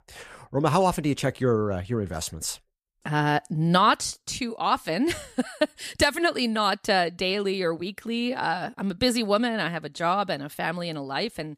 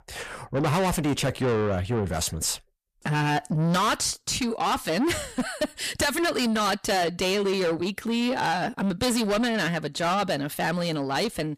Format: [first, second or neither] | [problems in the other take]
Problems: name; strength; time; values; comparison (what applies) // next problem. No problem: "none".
first | distortion; heavy; 6 dB below the speech